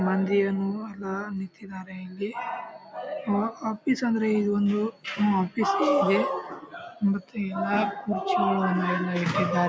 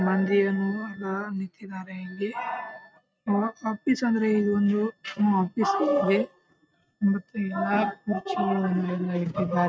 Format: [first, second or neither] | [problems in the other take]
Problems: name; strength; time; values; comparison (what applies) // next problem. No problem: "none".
first | noise reduction (neural mask model RNNoise)